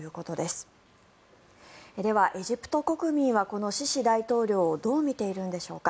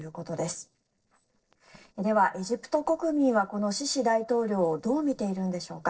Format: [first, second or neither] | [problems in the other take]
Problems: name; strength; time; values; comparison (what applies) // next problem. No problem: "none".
first | noise reduction (neural separator model SepFormer DNS4)